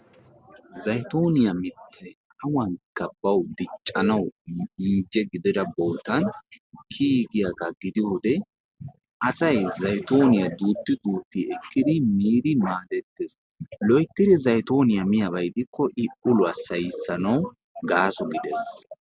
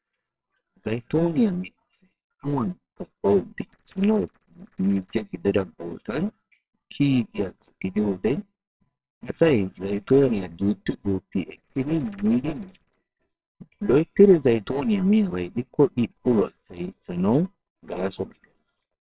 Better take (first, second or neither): first